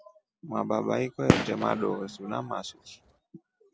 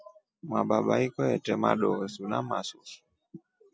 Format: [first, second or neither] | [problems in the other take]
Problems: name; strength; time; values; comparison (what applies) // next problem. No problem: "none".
second | background sound (Gunshot, gunfire); 1 dB above the speech